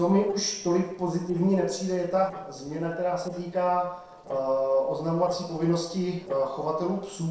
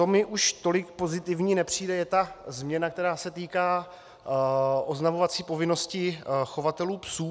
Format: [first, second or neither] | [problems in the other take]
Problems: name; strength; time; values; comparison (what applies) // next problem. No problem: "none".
second | noise reduction (neural separator model SepFormer DNS4)